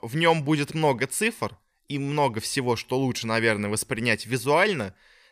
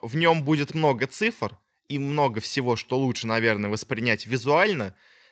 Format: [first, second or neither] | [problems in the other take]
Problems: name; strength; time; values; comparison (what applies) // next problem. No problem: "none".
first | garbled, watery; slightly; nothing above 7.5 kHz